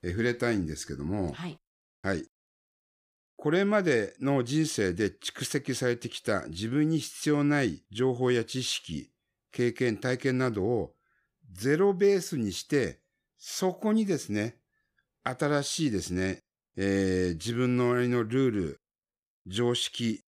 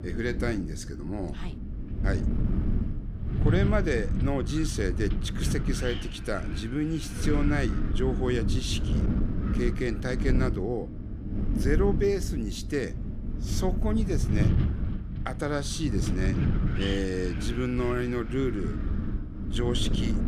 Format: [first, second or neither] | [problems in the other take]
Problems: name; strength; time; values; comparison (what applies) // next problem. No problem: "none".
first | wind noise on the microphone; heavy; 7 dB below the speech